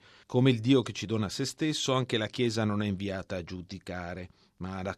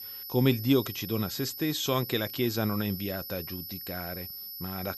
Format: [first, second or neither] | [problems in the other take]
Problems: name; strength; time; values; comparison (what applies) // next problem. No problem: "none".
first | high-pitched whine; loud; throughout; 12 kHz, 8 dB below the speech